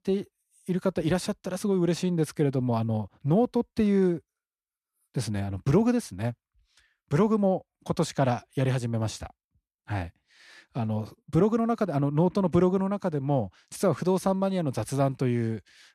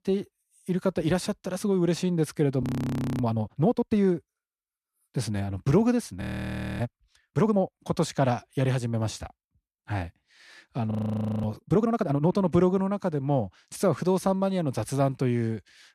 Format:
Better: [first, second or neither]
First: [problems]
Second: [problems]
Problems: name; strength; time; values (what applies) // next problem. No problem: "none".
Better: first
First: none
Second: audio freezing; at 2.5 s for 0.5 s, at 6 s for 0.5 s and at 11 s for 0.5 s